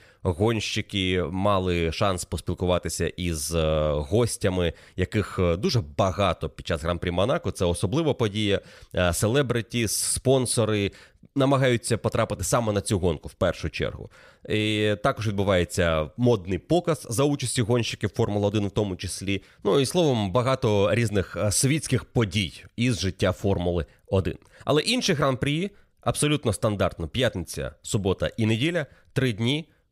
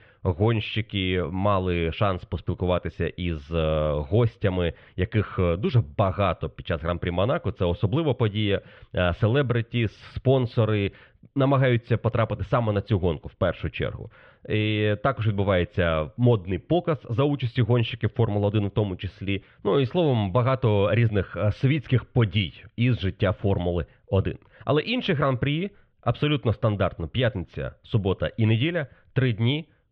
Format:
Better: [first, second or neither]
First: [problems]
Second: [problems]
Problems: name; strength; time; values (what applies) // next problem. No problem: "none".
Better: first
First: none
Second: muffled; very; fading above 3 kHz